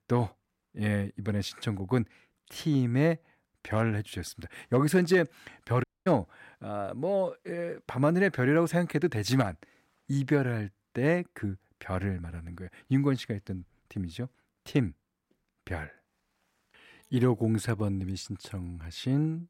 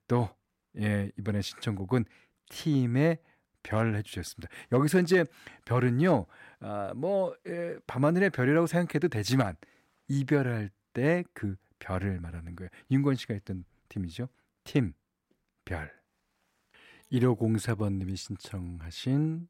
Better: second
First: audio cutting out; at 6 s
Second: none

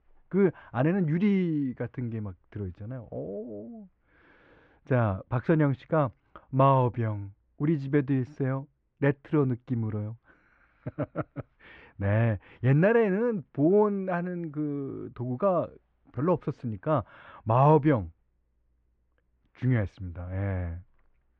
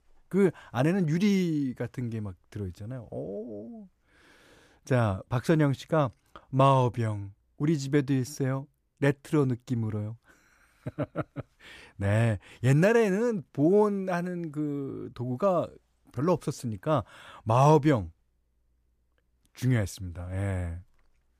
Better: second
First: muffled; very; fading above 2.5 kHz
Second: none

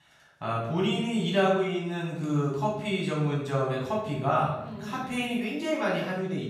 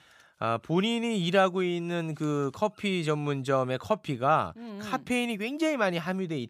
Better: second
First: room echo; noticeable; dies away in 0.8 s // off-mic speech; far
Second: none

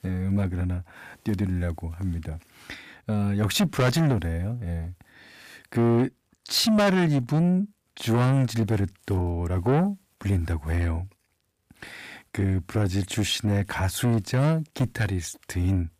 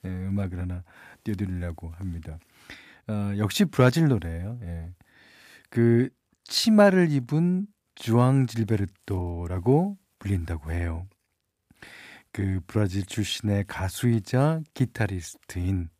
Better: second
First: distortion; heavy; 7 dB below the speech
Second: none

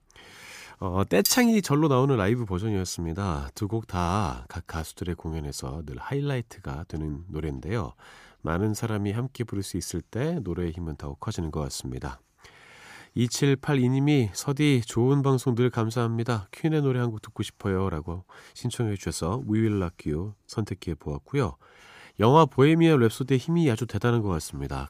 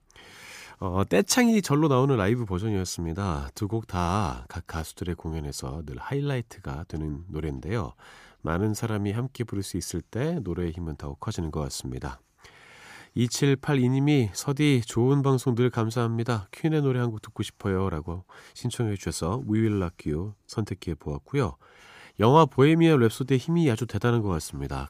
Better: second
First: clattering dishes; noticeable; at 1.5 s; peak 2 dB below the speech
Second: none

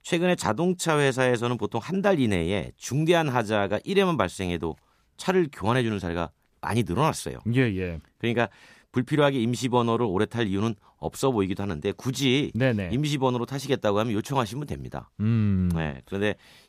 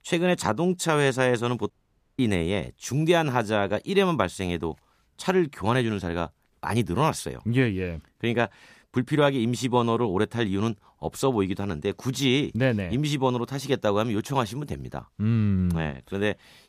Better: first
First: none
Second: audio cutting out; at 1.5 s

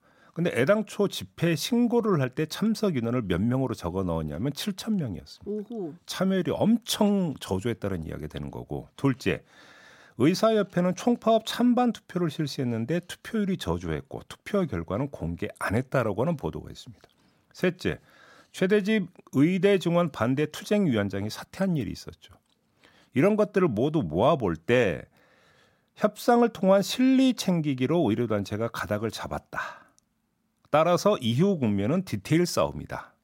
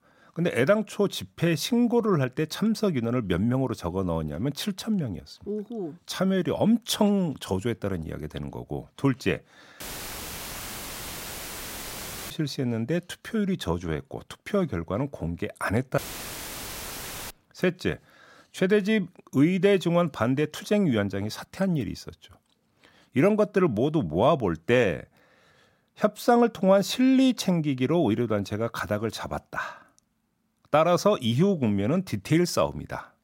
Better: first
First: none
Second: audio cutting out; filled with static; at 10 s for 2.5 s and at 16 s for 1.5 s

